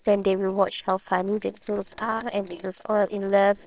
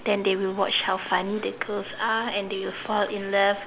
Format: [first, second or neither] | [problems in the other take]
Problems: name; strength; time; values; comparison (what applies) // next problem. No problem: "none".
second | noise reduction (neural separator model SepFormer WHAMR!)